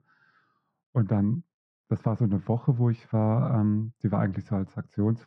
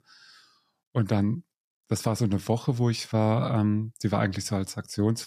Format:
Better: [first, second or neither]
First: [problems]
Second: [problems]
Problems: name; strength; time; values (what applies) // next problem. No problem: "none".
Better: second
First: muffled; very; fading above 1.5 kHz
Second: none